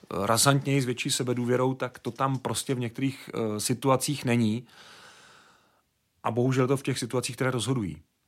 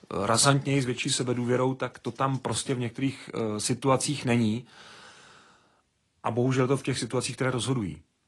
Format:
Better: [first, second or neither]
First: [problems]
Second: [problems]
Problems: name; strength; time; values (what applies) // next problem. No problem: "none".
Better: first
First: none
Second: garbled, watery; slightly; nothing above 10 kHz